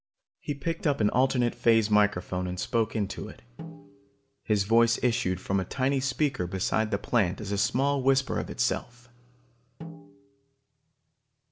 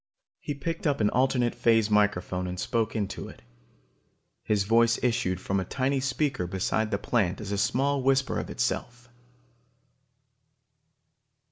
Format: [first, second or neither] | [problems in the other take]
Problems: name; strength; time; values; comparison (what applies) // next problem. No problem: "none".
second | background sound (Snare drum); 17 dB below the speech